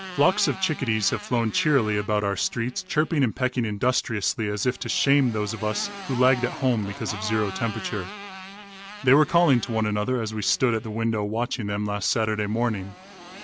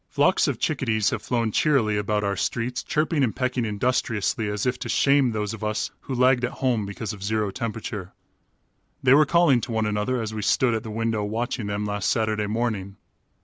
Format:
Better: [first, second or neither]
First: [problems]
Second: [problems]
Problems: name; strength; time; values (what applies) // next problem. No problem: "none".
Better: second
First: background sound (Motorcycle); 16 dB below the speech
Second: none